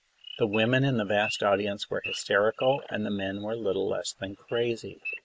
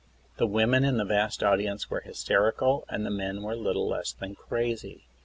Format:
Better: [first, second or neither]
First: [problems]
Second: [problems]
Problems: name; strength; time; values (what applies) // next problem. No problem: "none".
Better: second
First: noise reduction (neural mask model Resemble Enhance denoiser)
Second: none